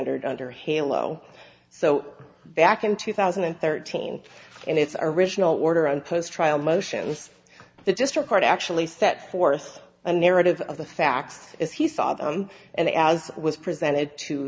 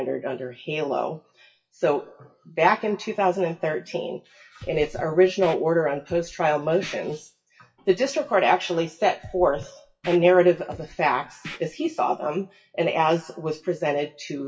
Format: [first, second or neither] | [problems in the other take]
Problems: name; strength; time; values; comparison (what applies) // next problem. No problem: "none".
first | noise reduction (classical method WPE with log-MMSE)